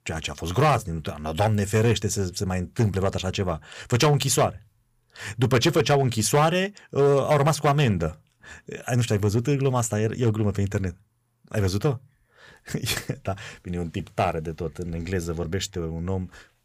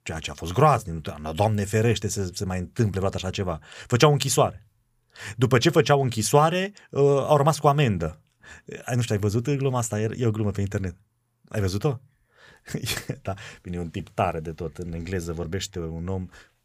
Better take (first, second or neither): second